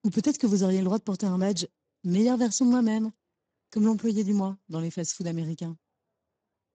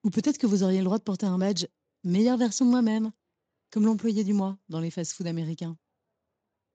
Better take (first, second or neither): second